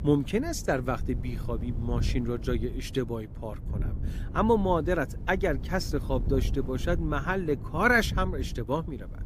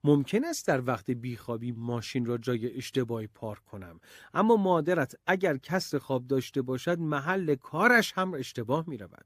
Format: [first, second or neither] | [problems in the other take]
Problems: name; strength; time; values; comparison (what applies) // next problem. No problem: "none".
second | wind noise on the microphone; occasional gusts; 20 dB below the speech